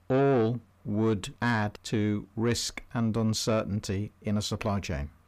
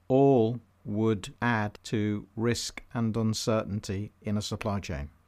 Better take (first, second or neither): second